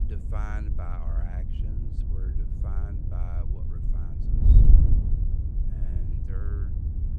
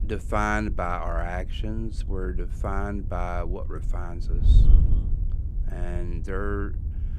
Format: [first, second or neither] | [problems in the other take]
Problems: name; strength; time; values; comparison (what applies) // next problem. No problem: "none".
second | wind noise on the microphone; heavy; 3 dB above the speech; occasional gusts in the second